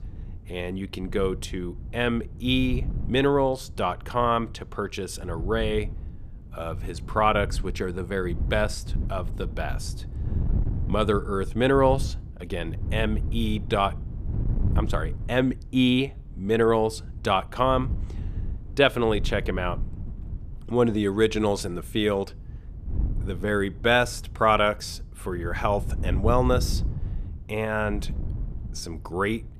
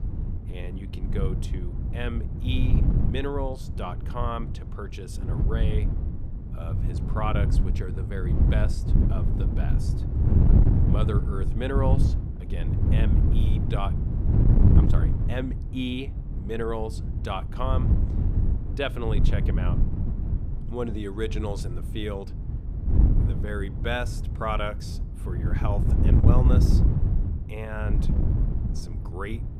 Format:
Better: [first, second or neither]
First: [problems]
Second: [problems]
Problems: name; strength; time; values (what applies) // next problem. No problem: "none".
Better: first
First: wind noise on the microphone; occasional gusts; 20 dB below the speech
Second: wind noise on the microphone; heavy; 4 dB below the speech